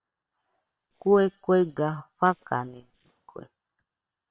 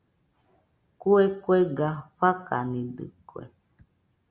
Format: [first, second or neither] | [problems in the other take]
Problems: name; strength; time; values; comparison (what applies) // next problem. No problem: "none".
second | noise reduction (neural separator model SepFormer WHAM!)